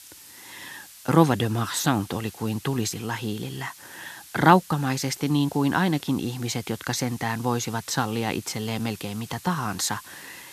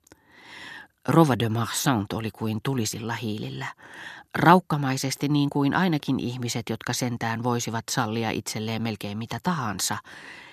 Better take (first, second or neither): second